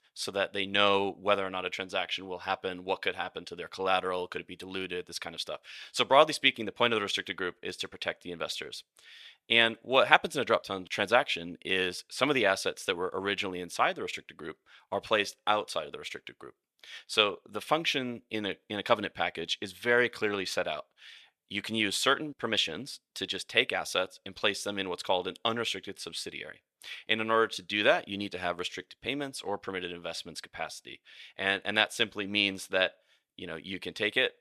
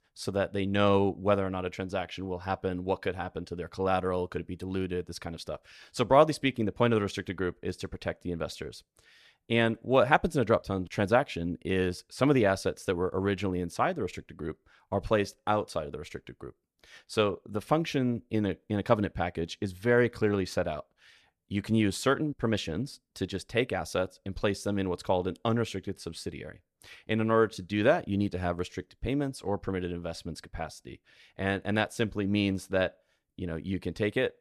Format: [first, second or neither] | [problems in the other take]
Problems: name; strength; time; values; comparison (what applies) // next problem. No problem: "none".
second | thin; somewhat; fading below 850 Hz